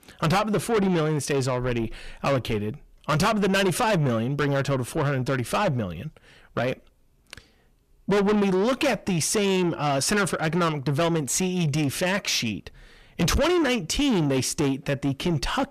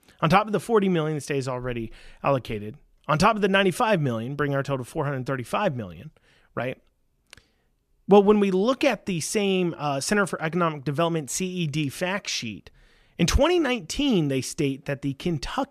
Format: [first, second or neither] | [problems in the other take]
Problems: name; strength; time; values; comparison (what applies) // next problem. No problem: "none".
second | distortion; heavy; 6 dB below the speech